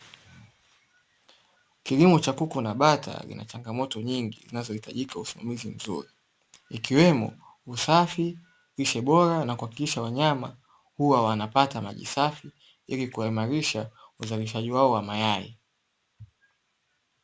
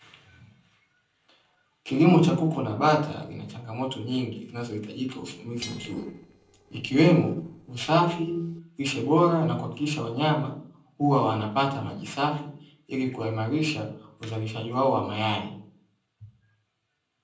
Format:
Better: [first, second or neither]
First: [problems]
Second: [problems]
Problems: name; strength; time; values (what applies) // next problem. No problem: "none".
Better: first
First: none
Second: noise reduction (neural separator model SepFormer DNS4)